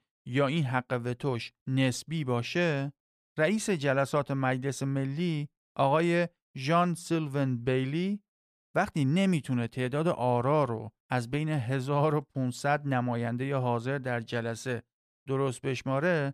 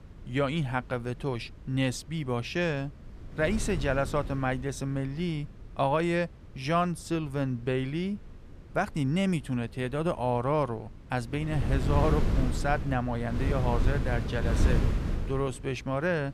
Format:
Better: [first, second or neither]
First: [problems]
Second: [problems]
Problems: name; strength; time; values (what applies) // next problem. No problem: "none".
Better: first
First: none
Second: wind noise on the microphone; heavy; 8 dB below the speech